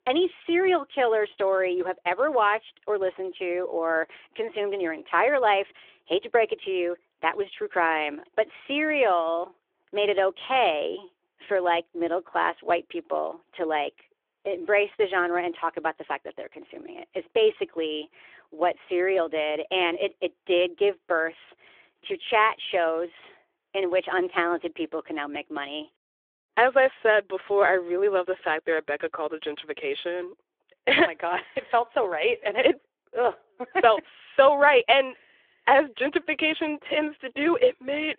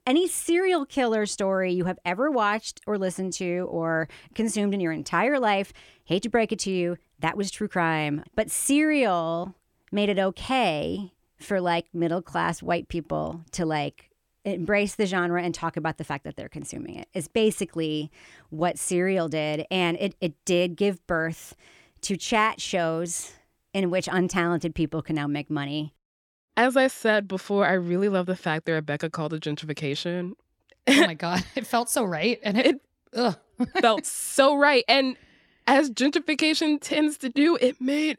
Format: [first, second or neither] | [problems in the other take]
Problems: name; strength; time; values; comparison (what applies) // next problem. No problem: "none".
second | phone-call audio; nothing above 3.5 kHz